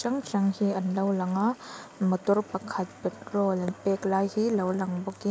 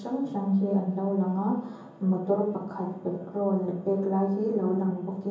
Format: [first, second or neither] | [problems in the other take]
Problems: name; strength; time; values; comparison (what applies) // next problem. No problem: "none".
first | room echo; dies away in 0.7 s